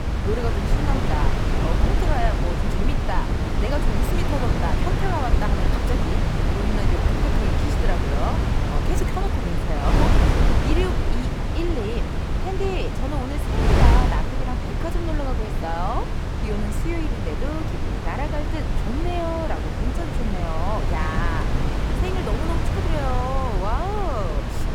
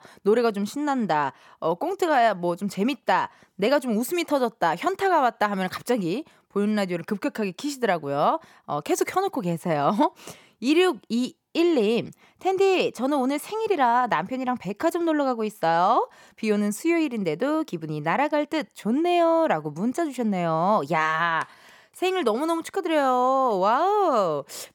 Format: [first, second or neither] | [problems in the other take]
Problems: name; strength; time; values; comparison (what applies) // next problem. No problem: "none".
second | wind noise on the microphone; heavy; 1 dB above the speech